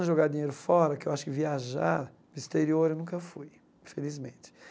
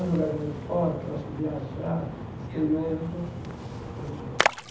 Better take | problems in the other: first | background sound (Splash, splatter); 3 dB below the speech // room echo; dies away in 0.8 s

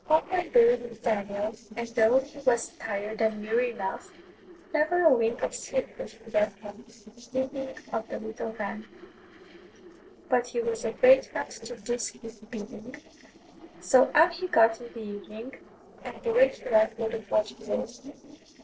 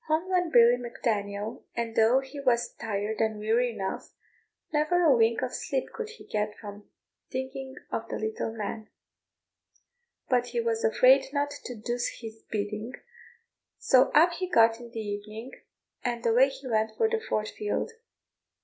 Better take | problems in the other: second | noise reduction (neural separator model SepFormer DNS4)

